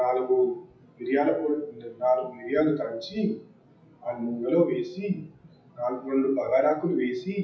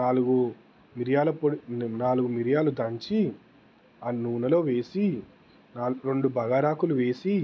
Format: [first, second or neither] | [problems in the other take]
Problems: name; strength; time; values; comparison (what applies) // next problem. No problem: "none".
second | noise reduction (classical method WPE with log-MMSE)